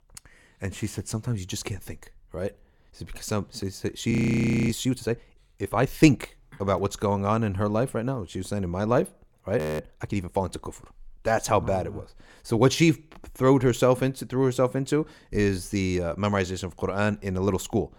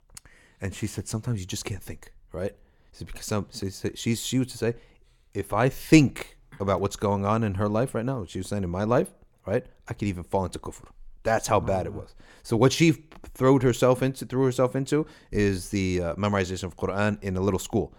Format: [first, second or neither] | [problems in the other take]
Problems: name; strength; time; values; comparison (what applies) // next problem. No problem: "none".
second | audio freezing; at 4 s for 0.5 s and at 9.5 s